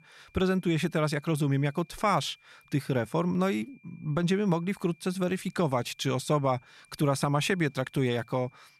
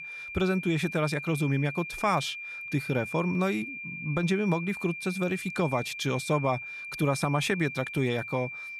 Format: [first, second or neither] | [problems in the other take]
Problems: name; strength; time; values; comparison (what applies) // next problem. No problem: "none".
first | high-pitched whine; loud; throughout; 2.5 kHz, 8 dB below the speech; faint in the first